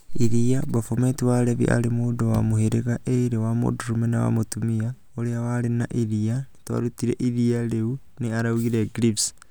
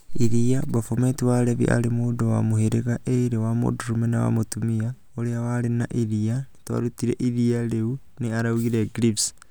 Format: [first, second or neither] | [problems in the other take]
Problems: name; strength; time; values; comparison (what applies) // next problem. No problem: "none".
second | background sound (Bass drum); 18 dB below the speech